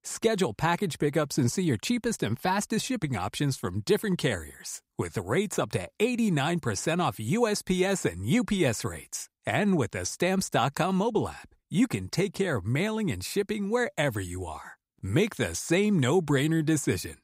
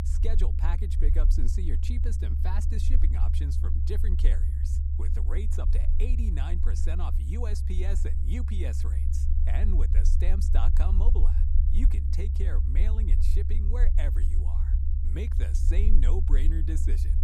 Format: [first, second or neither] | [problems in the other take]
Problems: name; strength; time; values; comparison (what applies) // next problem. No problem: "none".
first | low rumble; loud; throughout; 3 dB below the speech